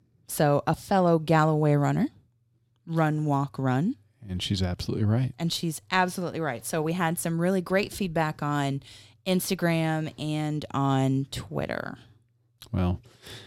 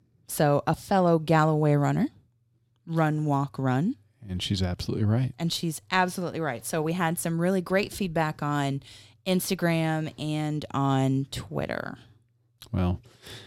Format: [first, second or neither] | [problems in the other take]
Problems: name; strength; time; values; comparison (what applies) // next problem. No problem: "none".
neither | none